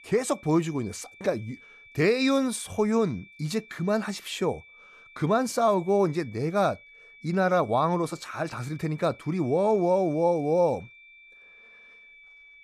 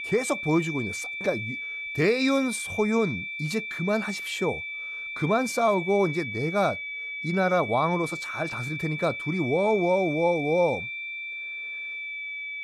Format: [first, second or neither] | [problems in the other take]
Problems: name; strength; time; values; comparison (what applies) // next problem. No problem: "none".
first | high-pitched whine; loud; throughout; 2.5 kHz, 6 dB below the speech; faint in the first